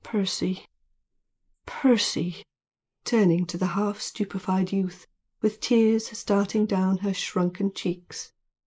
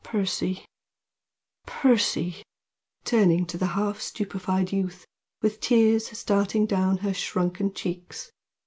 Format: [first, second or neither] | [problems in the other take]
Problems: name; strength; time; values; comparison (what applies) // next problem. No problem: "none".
second | noise reduction (neural mask model Resemble Enhance denoiser)